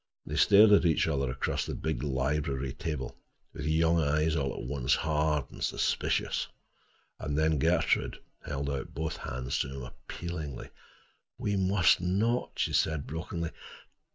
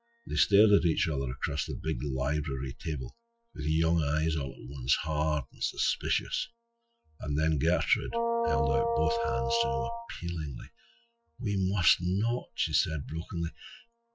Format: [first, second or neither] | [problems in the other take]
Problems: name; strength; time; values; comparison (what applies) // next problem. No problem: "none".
first | noise reduction (classical method Wiener filter)